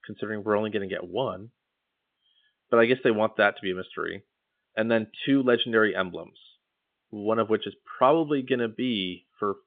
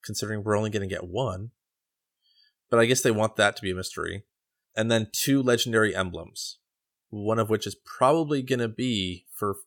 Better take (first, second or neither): second